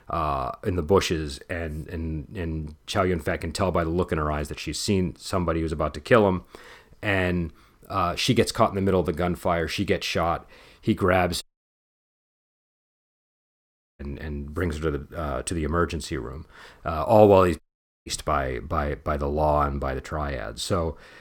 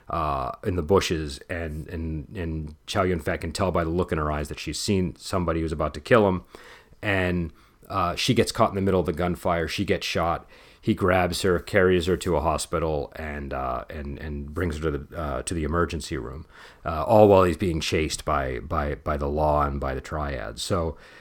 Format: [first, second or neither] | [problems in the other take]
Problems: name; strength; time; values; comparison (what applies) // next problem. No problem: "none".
second | audio cutting out; at 11 s for 2.5 s and at 18 s